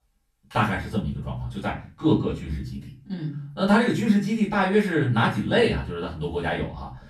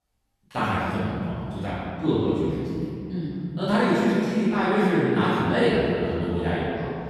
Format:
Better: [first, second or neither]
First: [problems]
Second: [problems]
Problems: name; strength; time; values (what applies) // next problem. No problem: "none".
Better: first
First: room echo; slight; dies away in 0.3 s // off-mic speech; far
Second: room echo; strong; dies away in 2.4 s // off-mic speech; far